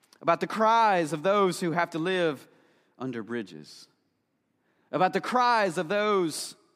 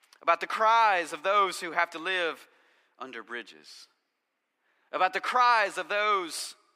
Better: first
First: none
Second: thin; very; fading below 550 Hz

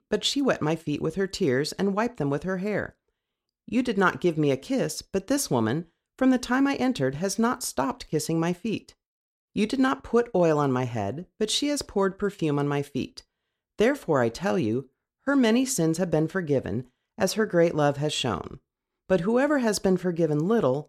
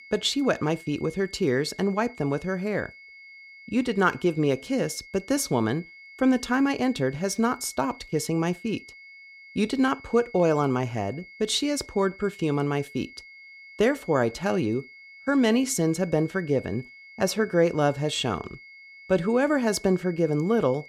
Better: first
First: none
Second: high-pitched whine; noticeable; throughout; 2 kHz, 20 dB below the speech

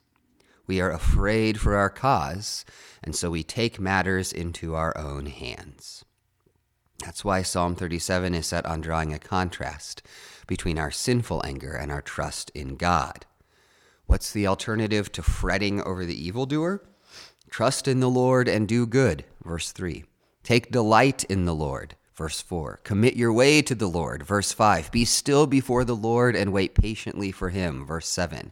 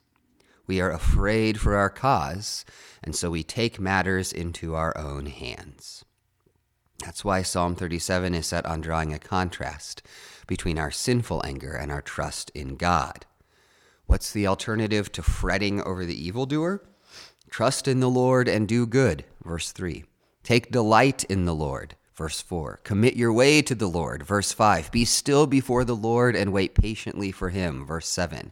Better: neither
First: none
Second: none

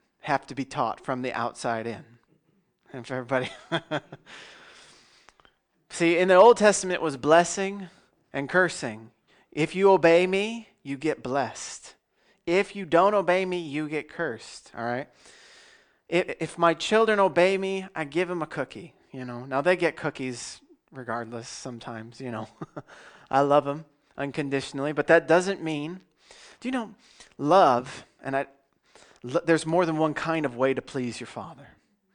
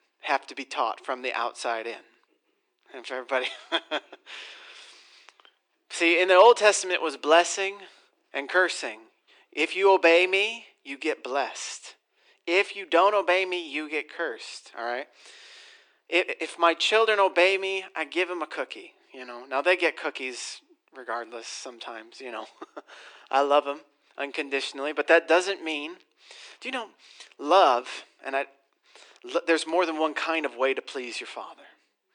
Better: first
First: none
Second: thin; somewhat; fading below 300 Hz

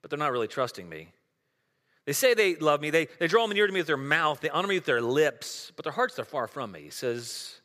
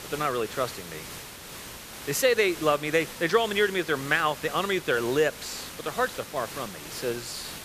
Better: first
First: none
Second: hiss; noticeable; throughout; 10 dB below the speech

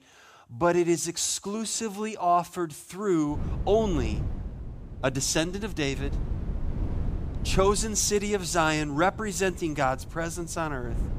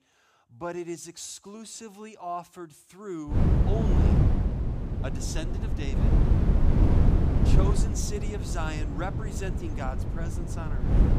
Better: first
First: wind noise on the microphone; occasional gusts; from 3.5 s on; 20 dB below the speech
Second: wind noise on the microphone; heavy; from 3.5 s on; 1 dB above the speech

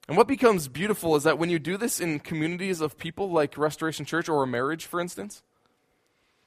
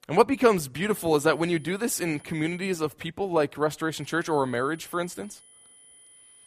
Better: first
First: none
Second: high-pitched whine; faint; from 1 to 2.5 s and from 4 s on; 10 kHz, 25 dB below the speech

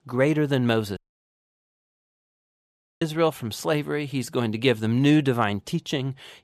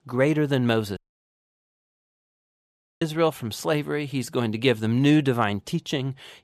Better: neither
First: audio cutting out; at 1 s for 2 s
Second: audio cutting out; at 1 s for 2 s

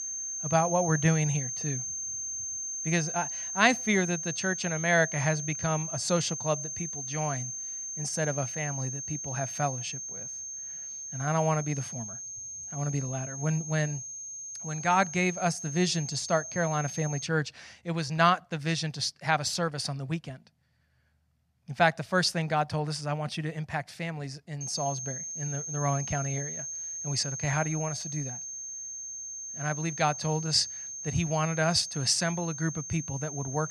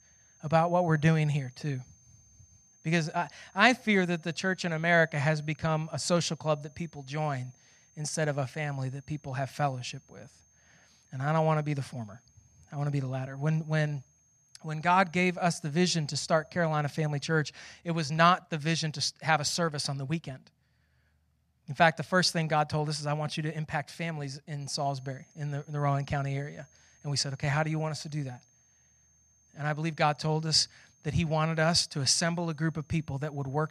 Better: second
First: high-pitched whine; loud; until 17 s and from 25 s on; 6.5 kHz, 5 dB below the speech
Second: high-pitched whine; faint; until 17 s and from 25 s on; 6.5 kHz, 30 dB below the speech

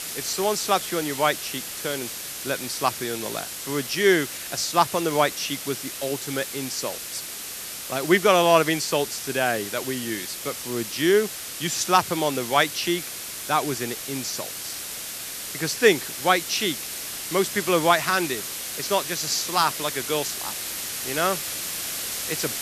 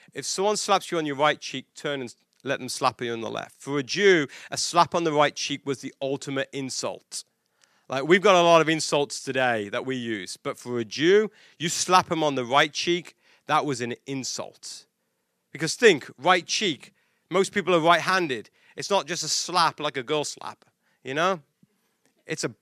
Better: second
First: hiss; loud; throughout; 6 dB below the speech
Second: none

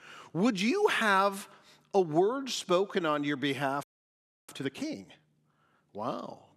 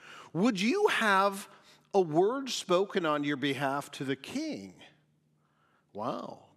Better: second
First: audio freezing; at 4 s for 0.5 s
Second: none

